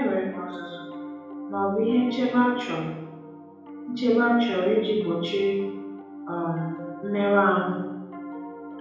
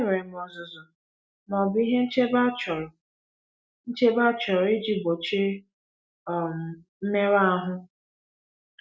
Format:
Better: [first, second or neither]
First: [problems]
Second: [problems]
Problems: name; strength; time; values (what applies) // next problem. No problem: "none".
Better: second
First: background sound (Piano); 12 dB below the speech // room echo; dies away in 0.9 s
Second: none